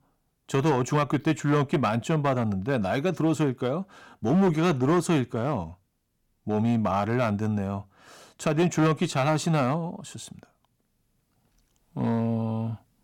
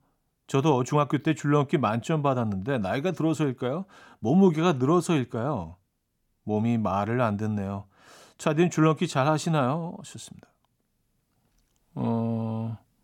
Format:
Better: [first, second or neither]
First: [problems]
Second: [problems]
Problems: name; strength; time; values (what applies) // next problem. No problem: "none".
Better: second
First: distortion; slight; 5% of the sound clipped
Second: none